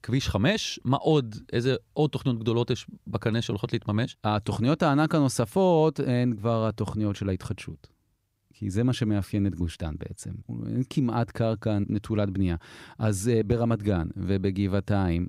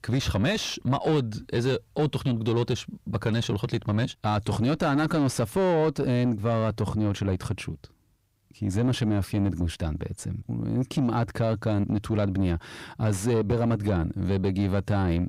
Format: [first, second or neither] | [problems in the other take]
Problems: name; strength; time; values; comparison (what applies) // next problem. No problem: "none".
first | distortion; slight; 10 dB below the speech